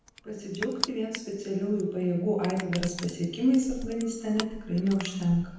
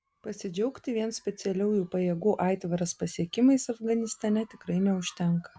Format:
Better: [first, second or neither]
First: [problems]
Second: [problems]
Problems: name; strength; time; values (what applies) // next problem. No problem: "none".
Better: second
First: background sound (Crushing); 12 dB below the speech // room echo; dies away in 0.9 s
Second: none